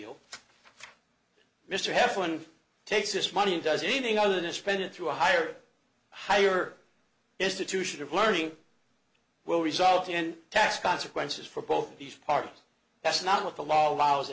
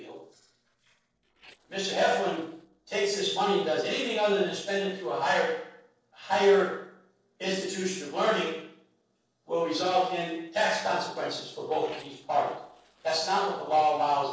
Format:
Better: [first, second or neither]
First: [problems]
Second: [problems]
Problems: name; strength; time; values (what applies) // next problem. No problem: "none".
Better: first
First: none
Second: noise reduction (neural separator model SepFormer DNS4)